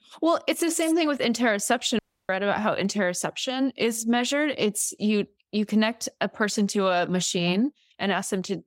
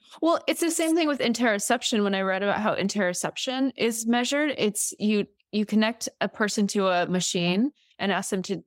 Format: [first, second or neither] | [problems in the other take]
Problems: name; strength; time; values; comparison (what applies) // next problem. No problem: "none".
second | audio cutting out; at 2 s